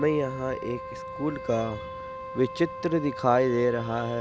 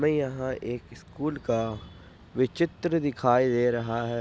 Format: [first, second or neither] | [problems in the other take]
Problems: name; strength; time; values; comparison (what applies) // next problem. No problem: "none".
second | background sound (Wind instrument, woodwind instrument); 11 dB below the speech